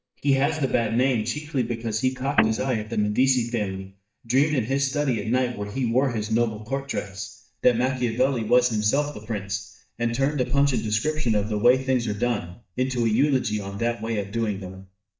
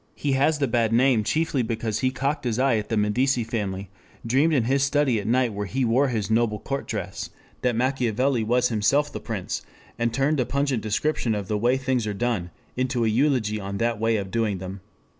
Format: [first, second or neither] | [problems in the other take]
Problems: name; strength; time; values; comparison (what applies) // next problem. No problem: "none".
second | noise reduction (neural mask model DeepFilterNet 3)